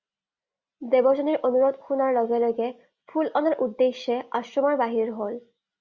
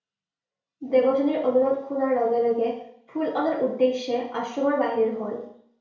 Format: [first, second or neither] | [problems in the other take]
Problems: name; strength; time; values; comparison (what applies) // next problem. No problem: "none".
first | room echo; dies away in 0.5 s